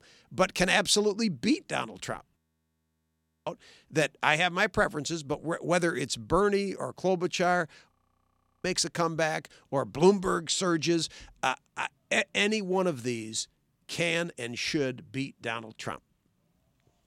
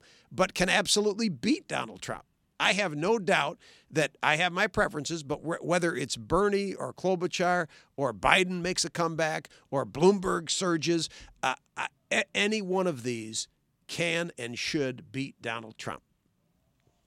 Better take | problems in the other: second | audio freezing; at 2.5 s for 1 s and at 8 s for 0.5 s

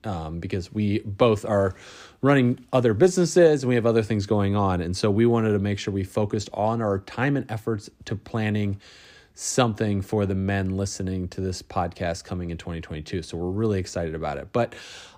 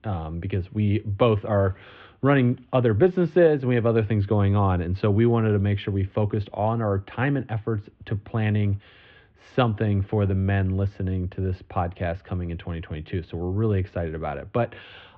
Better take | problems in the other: first | muffled; very; fading above 3 kHz

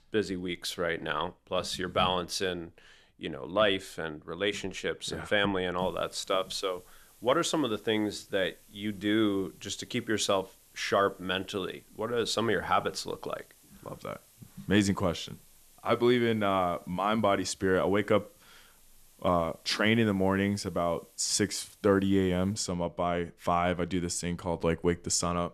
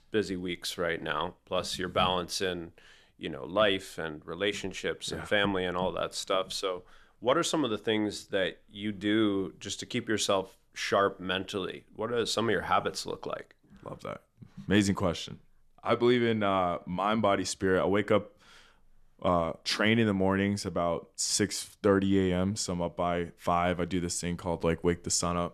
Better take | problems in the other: second | hiss; faint; from 6 to 23 s; 30 dB below the speech

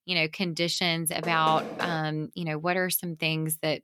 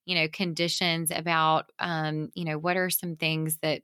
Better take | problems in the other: second | door banging; noticeable; at 1 s; peak 7 dB below the speech

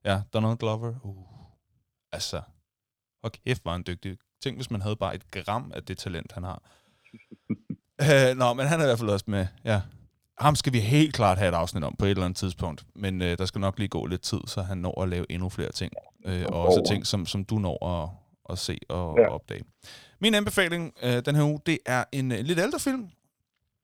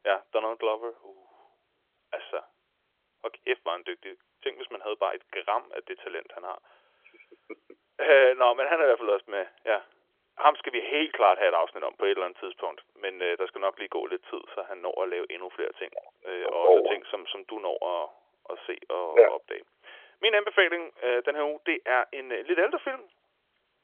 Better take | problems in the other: first | phone-call audio; nothing above 3.5 kHz

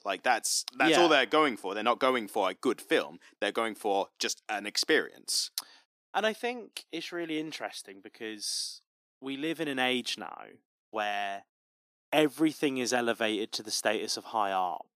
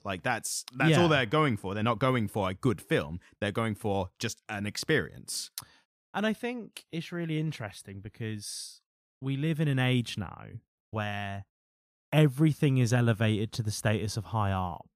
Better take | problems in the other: second | thin; somewhat; fading below 300 Hz

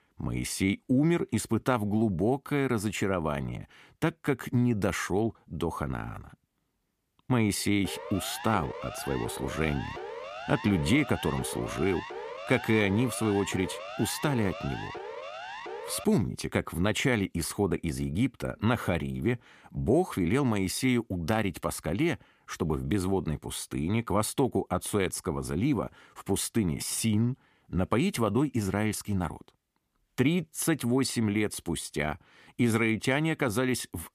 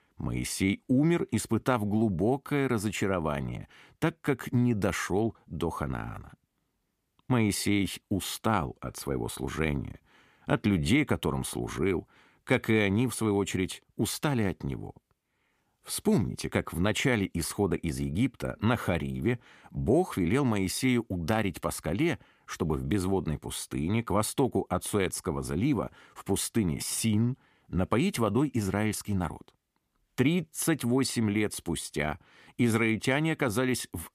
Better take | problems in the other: second | siren; noticeable; from 8 to 16 s; peak 10 dB below the speech

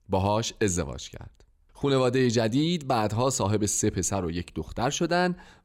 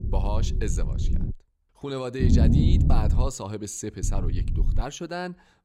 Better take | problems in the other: first | low rumble; loud; until 1.5 s, from 2 to 3.5 s and at 4 s; 3 dB below the speech

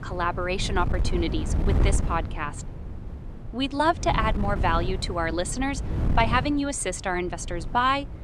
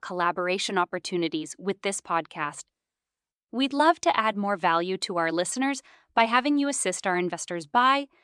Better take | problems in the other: second | wind noise on the microphone; occasional gusts; 15 dB below the speech

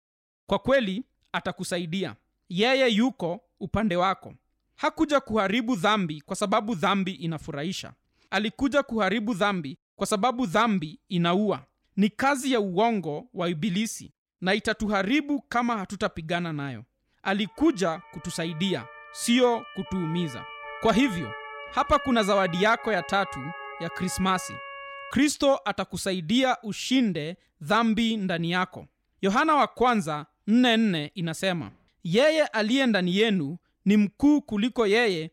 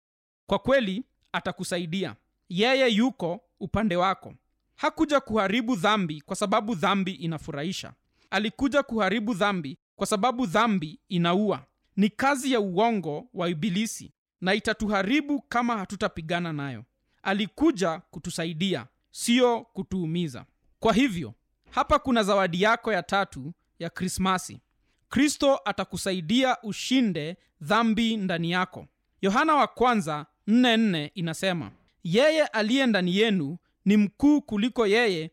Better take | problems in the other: second | siren; faint; from 17 to 25 s; peak 10 dB below the speech

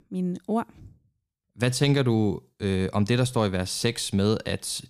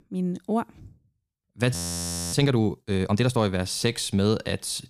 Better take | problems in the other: first | audio freezing; at 1.5 s for 0.5 s

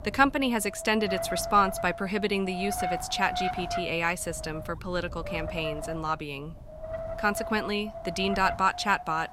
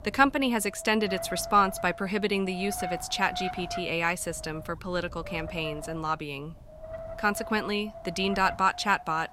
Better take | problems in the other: second | wind noise on the microphone; heavy; 7 dB below the speech; occasional gusts in the second

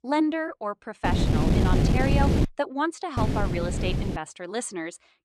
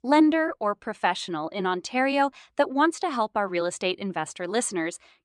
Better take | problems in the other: second | wind noise on the microphone; heavy; from 1 to 2.5 s and at 3 s; 2 dB below the speech

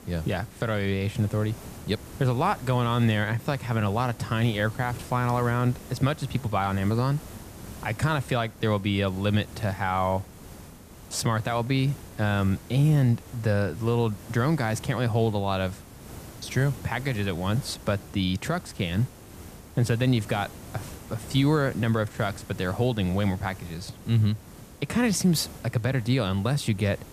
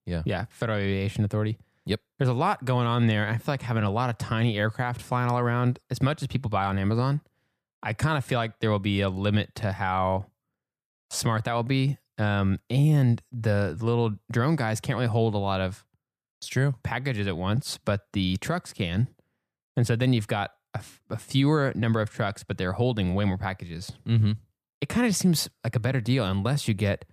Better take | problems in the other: second | hiss; noticeable; throughout; 15 dB below the speech

